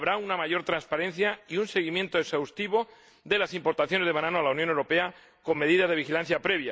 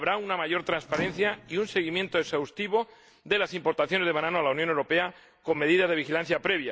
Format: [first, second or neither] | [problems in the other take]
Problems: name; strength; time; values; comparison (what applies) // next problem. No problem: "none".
first | background sound (Microwave oven); 18 dB below the speech